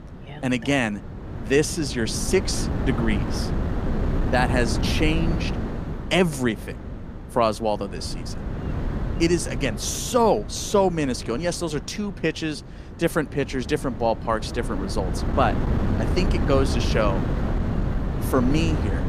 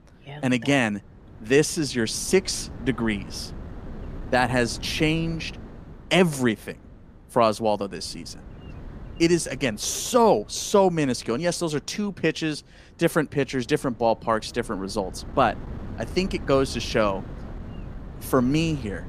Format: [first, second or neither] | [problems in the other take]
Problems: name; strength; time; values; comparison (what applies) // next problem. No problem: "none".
second | wind noise on the microphone; heavy; 9 dB below the speech; occasional gusts in the second